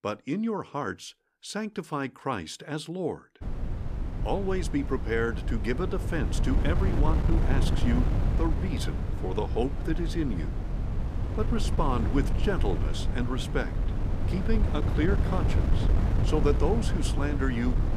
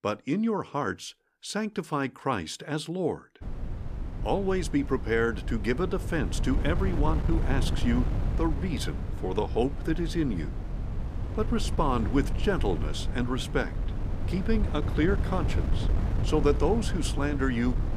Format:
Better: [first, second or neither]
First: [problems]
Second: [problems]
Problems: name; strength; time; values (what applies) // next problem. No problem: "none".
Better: second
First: wind noise on the microphone; heavy; from 3.5 s on; 6 dB below the speech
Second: wind noise on the microphone; occasional gusts; from 3.5 s on; 10 dB below the speech